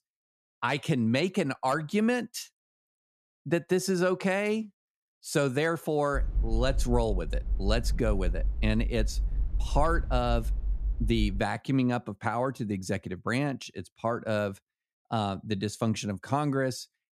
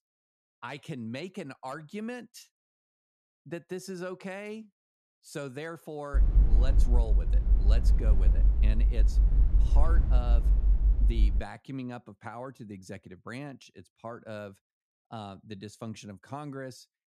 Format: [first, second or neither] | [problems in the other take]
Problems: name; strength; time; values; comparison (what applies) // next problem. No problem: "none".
first | low rumble; loud; from 6 to 11 s; 6 dB below the speech; faint in the first